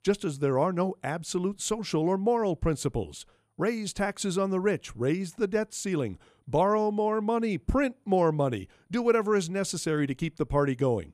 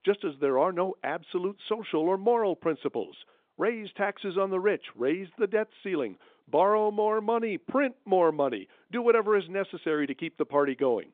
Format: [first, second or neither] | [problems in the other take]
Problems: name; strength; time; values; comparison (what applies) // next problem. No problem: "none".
first | phone-call audio; nothing above 3.5 kHz